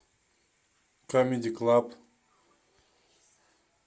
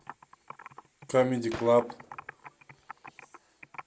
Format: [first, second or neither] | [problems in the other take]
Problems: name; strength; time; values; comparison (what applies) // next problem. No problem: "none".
first | background sound (Gunshot, gunfire + Computer keyboard); 15 dB below the speech